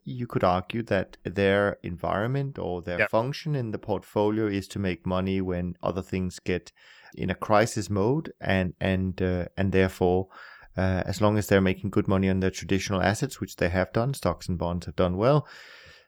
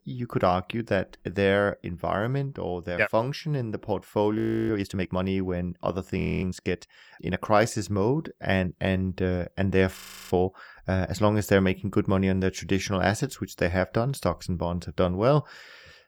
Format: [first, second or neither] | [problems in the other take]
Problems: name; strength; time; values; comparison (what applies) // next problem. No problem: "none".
first | audio freezing; at 4.5 s, at 6 s and at 10 s